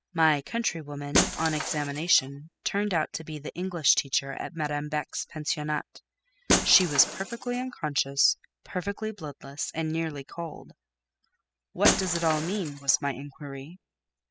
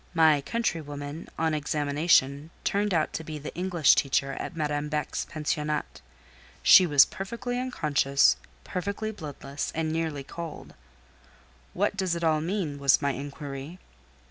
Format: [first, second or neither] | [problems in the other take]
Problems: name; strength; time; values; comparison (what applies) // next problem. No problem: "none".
second | noise reduction (classical method spectral subtraction)